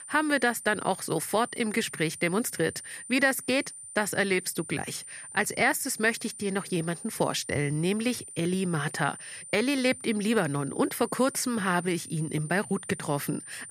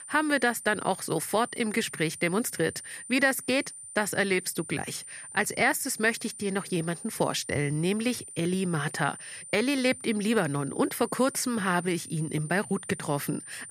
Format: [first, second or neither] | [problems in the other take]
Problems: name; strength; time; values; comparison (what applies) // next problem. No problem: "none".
neither | high-pitched whine; noticeable; throughout; 9 kHz, 15 dB below the speech; the same in both